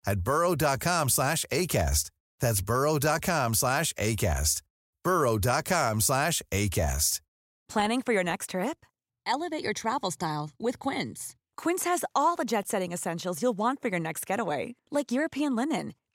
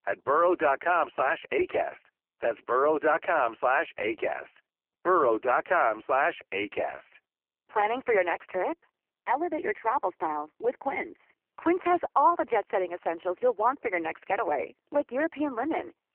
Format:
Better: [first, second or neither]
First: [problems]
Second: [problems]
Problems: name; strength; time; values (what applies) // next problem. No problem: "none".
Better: first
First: none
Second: phone-call audio; poor line